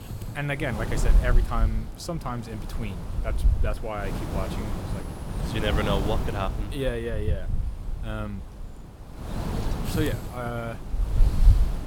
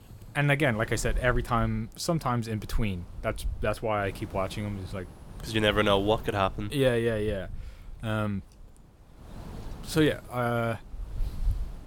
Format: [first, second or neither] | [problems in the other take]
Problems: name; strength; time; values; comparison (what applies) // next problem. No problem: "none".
second | wind noise on the microphone; heavy; 6 dB below the speech; occasional gusts in the second